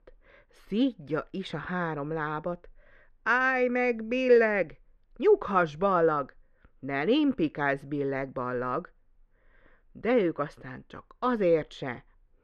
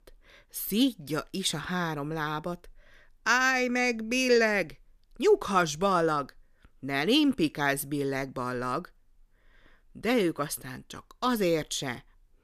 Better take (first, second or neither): second